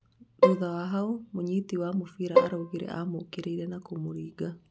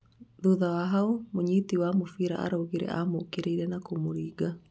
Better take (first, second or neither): second